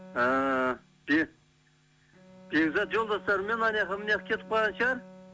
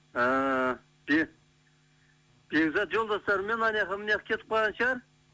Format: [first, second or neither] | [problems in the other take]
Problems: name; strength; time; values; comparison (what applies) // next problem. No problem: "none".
second | background sound (Bowed string instrument); 20 dB below the speech